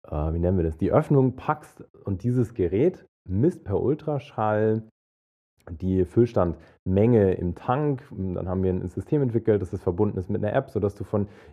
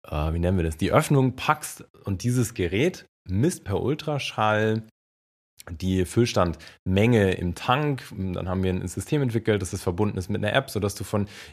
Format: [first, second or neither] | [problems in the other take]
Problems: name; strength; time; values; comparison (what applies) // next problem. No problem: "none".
second | muffled; very; fading above 2 kHz